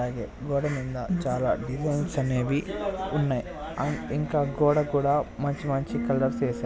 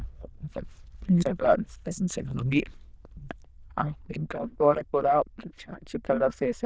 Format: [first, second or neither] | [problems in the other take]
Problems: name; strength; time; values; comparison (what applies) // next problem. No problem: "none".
first | noise reduction (neural diffusion model UNIVERSE++)